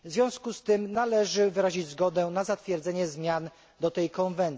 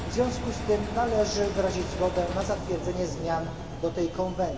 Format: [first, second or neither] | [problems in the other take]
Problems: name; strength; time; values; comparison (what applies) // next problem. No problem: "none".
first | background sound (Engine); 6 dB below the speech // room echo; dies away in 2.7 s